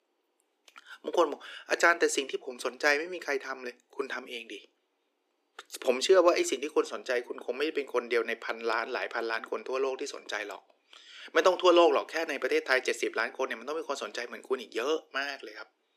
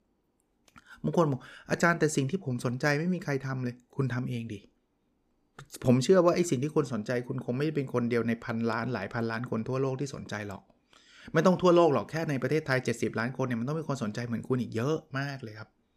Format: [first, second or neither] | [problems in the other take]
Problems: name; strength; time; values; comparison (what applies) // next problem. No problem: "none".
second | thin; very; fading below 350 Hz